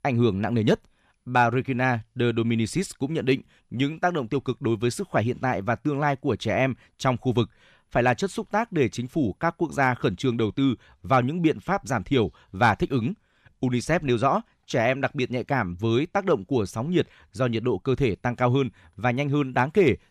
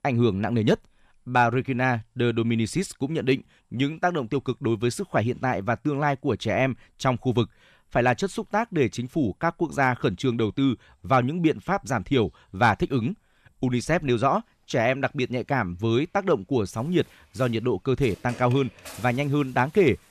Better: first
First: none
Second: animal sounds; faint; throughout; 20 dB below the speech

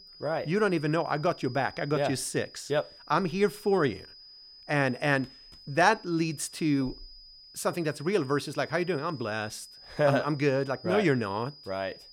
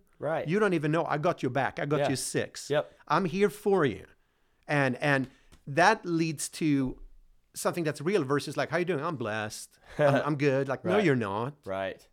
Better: second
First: high-pitched whine; noticeable; throughout; 5 kHz, 20 dB below the speech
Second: none

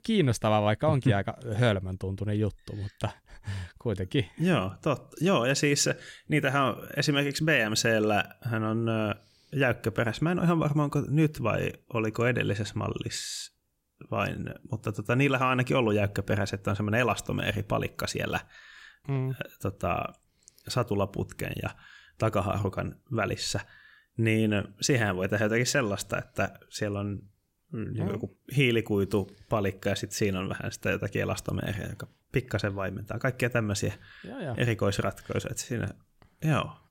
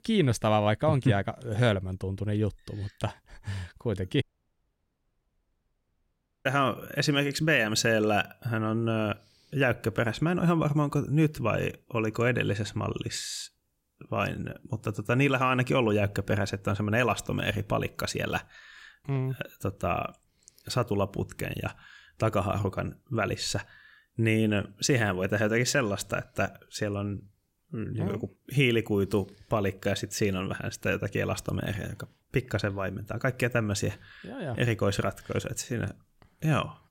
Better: first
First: none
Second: audio cutting out; at 4 s for 2 s

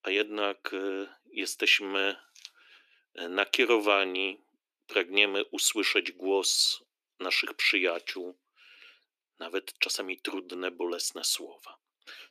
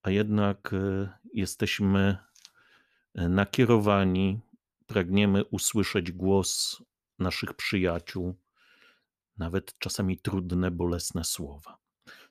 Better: second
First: thin; very; fading below 300 Hz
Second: none

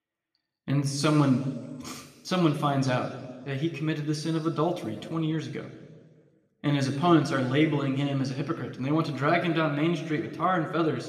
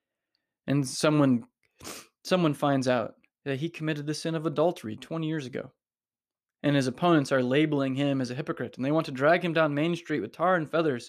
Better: second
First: room echo; slight; dies away in 1.3 s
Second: none

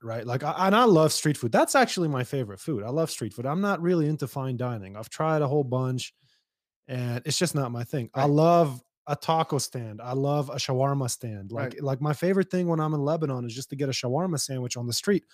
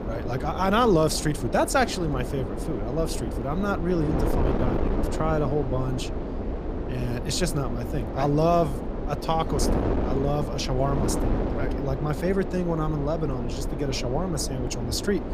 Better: first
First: none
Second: wind noise on the microphone; heavy; 6 dB below the speech

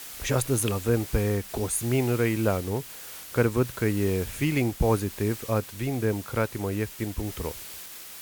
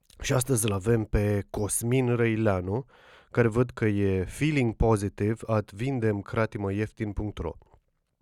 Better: second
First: hiss; noticeable; throughout; 10 dB below the speech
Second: none

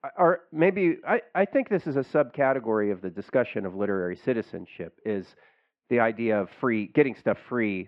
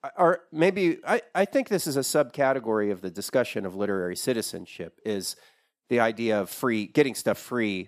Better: second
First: muffled; very; fading above 2.5 kHz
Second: none

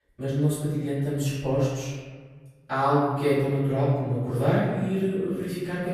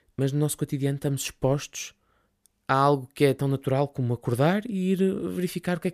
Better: second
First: off-mic speech; far // room echo; strong; dies away in 1.4 s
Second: none

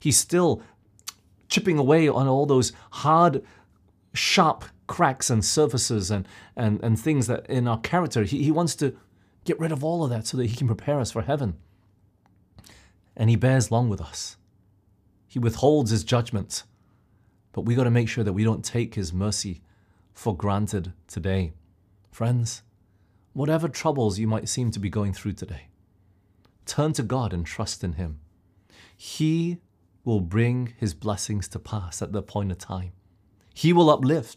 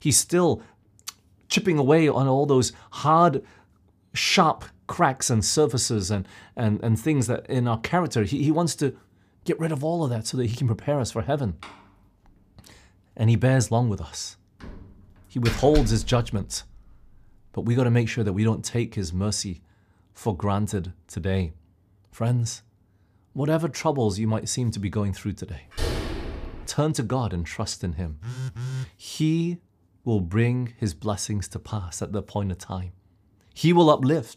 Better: first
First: none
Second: door banging; noticeable; at 15 s and at 26 s; peak 5 dB below the speech // phone ringing; noticeable; at 28 s; peak 7 dB below the speech

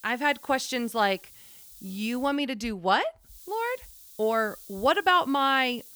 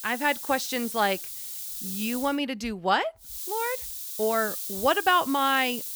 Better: first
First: hiss; faint; until 2.5 s and from 3.5 s on; 20 dB below the speech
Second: hiss; loud; until 2.5 s and from 3.5 s on; 7 dB below the speech

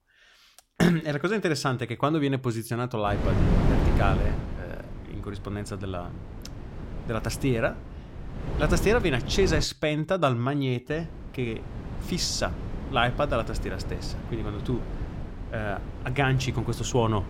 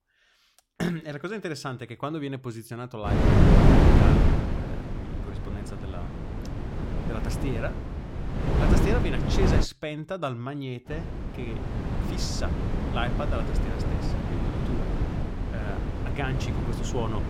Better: first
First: wind noise on the microphone; occasional gusts; from 3 to 9.5 s and from 11 s on; 10 dB below the speech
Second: wind noise on the microphone; heavy; from 3 to 9.5 s and from 11 s on; 3 dB above the speech

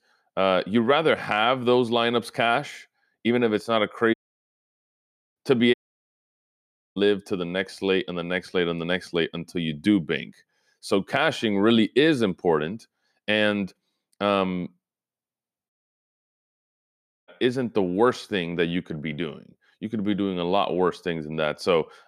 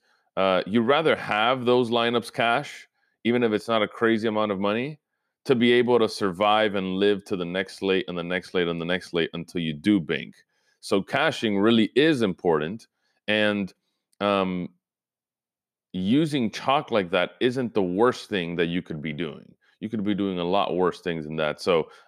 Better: second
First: audio cutting out; at 4 s for 1 s, at 5.5 s for 1 s and at 16 s for 1.5 s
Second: none

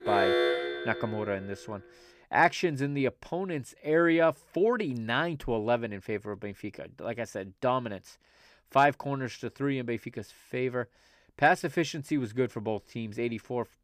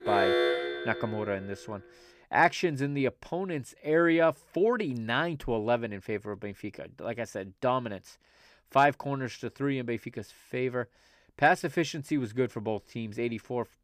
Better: neither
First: alarm; loud; until 1.5 s; peak 4 dB above the speech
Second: alarm; loud; until 1.5 s; peak 4 dB above the speech

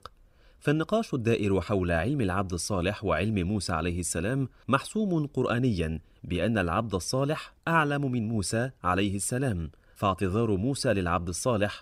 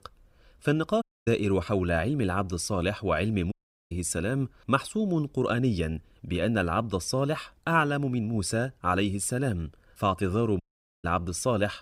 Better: first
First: none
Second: audio cutting out; at 1 s, at 3.5 s and at 11 s

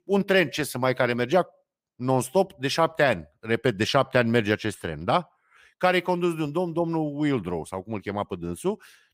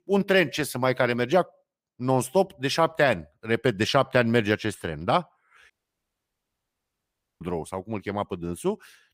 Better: first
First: none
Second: audio cutting out; at 5.5 s for 1.5 s

